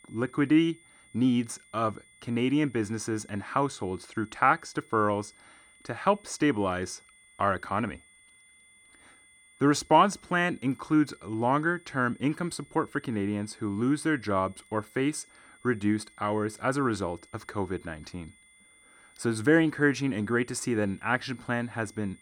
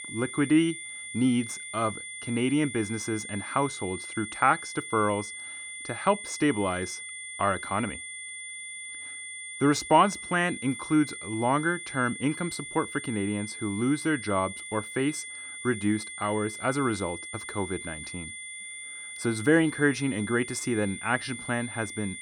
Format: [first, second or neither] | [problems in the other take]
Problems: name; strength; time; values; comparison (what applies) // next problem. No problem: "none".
first | high-pitched whine; loud; throughout; 2 kHz, 9 dB below the speech; faint in the first